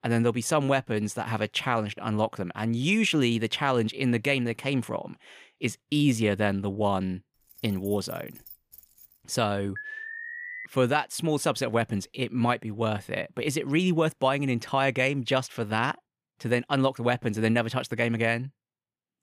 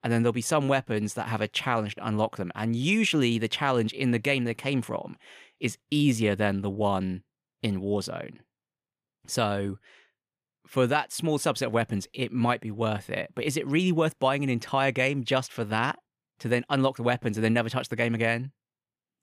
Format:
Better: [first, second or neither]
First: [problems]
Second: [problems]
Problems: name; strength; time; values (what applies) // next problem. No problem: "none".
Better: second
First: jangling keys; faint; from 7.5 to 9 s; peak 20 dB below the speech // alarm; noticeable; at 10 s; peak 9 dB below the speech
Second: none